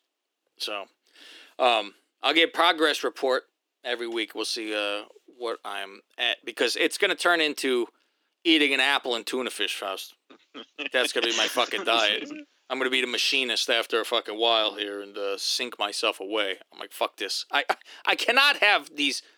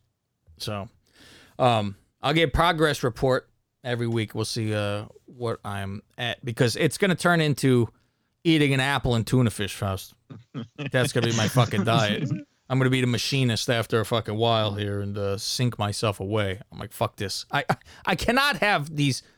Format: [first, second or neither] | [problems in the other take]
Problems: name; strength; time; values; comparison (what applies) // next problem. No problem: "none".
second | thin; somewhat; fading below 300 Hz